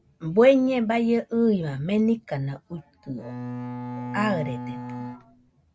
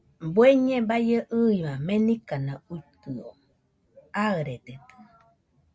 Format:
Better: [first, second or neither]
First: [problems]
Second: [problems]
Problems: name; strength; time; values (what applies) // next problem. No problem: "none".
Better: second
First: background sound (Bowed string instrument); 9 dB below the speech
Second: none